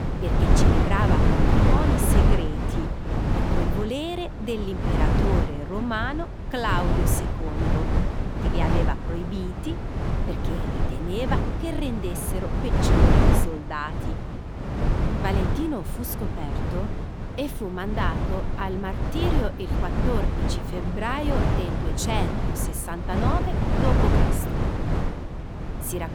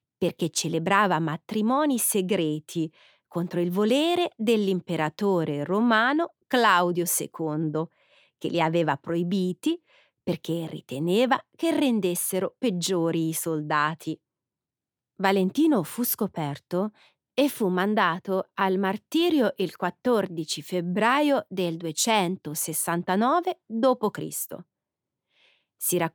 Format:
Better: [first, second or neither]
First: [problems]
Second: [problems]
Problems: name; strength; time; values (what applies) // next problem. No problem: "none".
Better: second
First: wind noise on the microphone; heavy; 1 dB above the speech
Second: none